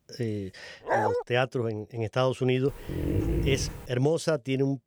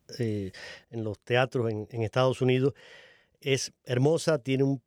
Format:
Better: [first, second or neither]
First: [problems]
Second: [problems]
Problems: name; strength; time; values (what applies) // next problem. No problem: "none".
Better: second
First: dog barking; loud; at 1 s and from 2.5 to 4 s; peak 2 dB above the speech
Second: none